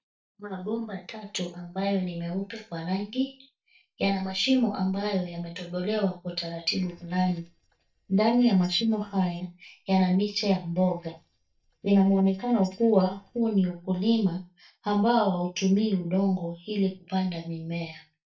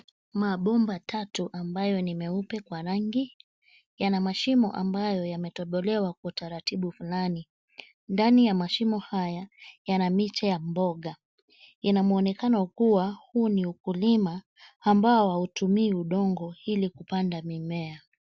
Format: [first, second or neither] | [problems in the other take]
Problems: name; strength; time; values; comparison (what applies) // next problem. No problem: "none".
second | noise reduction (neural mask model DeepFilterNet 3)